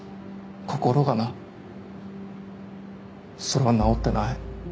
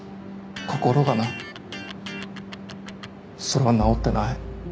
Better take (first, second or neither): first